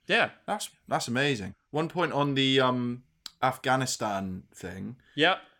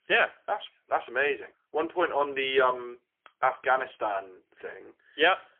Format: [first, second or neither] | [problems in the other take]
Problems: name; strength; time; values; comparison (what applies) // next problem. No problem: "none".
first | phone-call audio; poor line; nothing above 3.5 kHz